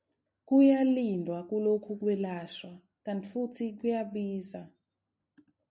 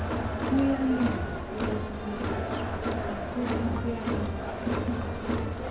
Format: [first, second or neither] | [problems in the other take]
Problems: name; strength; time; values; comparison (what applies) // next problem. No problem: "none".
first | background sound (Crowd); 3 dB above the speech // room echo; dies away in 0.8 s